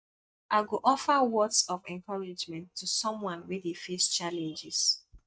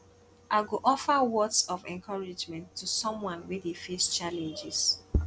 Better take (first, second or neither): second